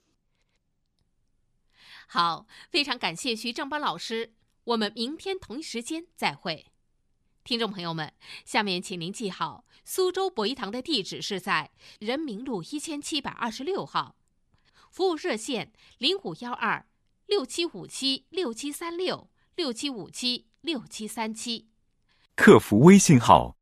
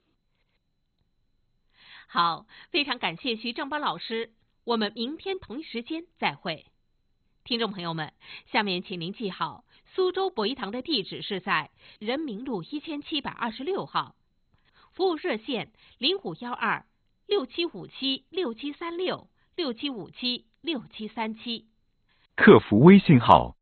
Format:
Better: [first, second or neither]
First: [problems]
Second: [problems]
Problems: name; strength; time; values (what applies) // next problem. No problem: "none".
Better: first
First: none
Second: garbled, watery; badly; nothing above 4 kHz